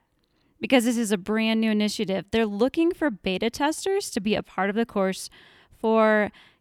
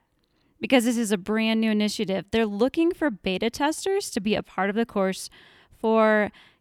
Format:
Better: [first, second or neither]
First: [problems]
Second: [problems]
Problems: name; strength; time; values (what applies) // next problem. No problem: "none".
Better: neither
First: none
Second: none